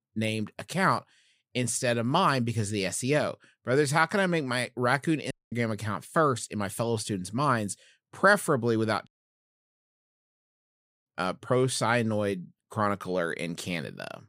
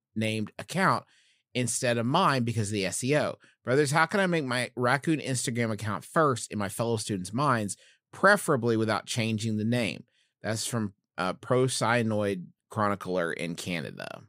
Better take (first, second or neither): second